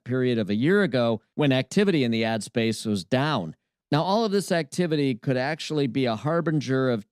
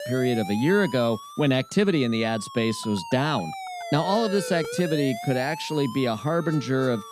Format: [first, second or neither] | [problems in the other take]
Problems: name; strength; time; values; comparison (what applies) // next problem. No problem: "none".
first | siren; noticeable; peak 8 dB below the speech